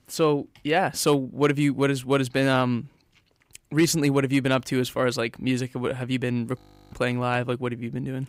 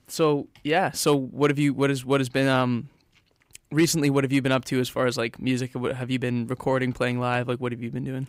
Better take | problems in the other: second | audio freezing; at 6.5 s

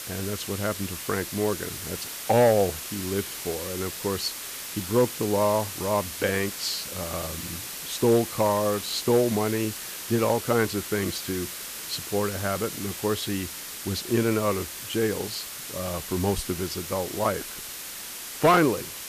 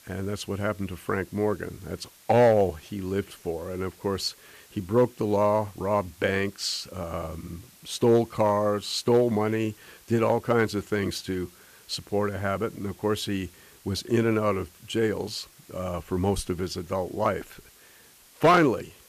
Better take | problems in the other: second | hiss; loud; throughout; 7 dB below the speech; faint in the second

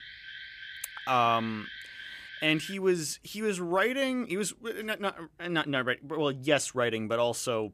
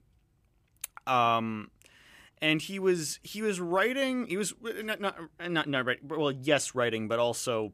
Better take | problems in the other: second | alarm; faint; until 2.5 s; peak 10 dB below the speech

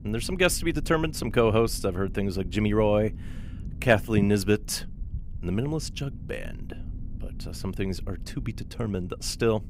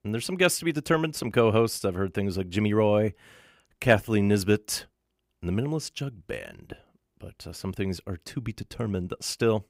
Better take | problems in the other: second | low rumble; faint; throughout; 25 dB below the speech

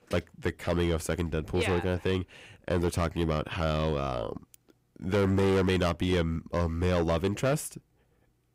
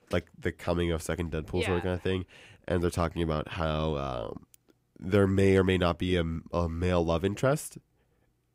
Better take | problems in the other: second | distortion; slight; 8% of the sound clipped

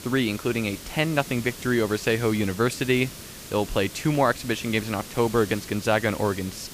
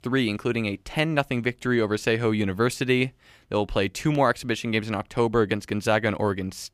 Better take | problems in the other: second | hiss; noticeable; throughout; 15 dB below the speech

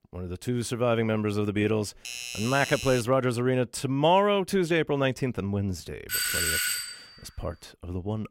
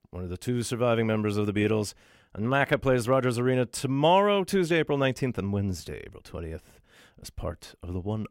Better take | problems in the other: second | doorbell; noticeable; from 2 to 3 s; peak 7 dB below the speech // doorbell; loud; at 6 s; peak 2 dB above the speech

